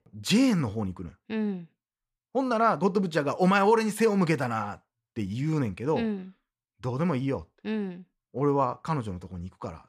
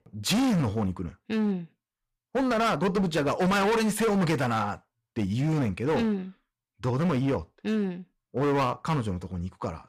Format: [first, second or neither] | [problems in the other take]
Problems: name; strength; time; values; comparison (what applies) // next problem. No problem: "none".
first | distortion; heavy; 17% of the sound clipped